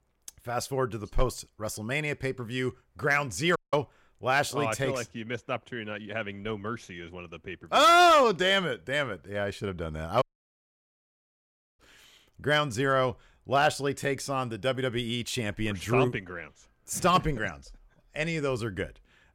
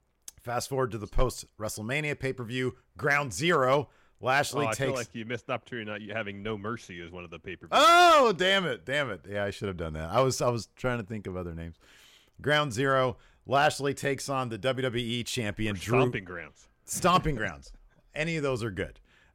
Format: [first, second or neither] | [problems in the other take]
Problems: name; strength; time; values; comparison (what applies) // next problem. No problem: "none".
second | audio cutting out; at 3.5 s and at 10 s for 1.5 s